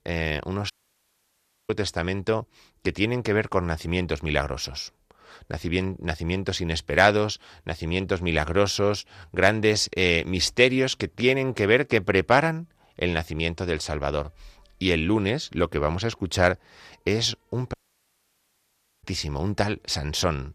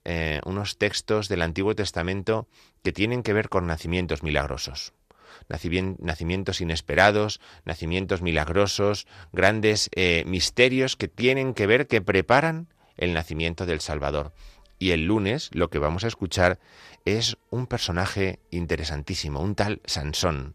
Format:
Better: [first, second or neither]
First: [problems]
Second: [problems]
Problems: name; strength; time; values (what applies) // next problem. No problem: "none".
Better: second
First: audio cutting out; at 0.5 s for 1 s and at 18 s for 1.5 s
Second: none